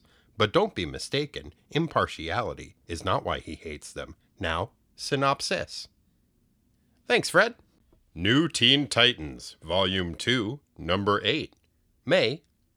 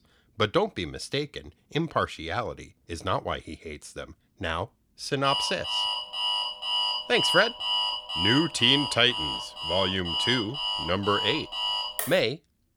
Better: first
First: none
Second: alarm; loud; from 5 to 12 s; peak 3 dB above the speech

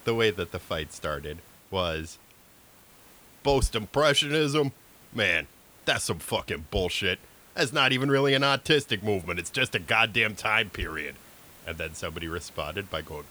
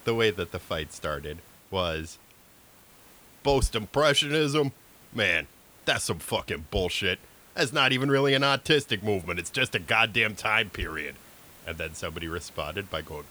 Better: neither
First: hiss; faint; throughout; 25 dB below the speech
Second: hiss; faint; throughout; 25 dB below the speech

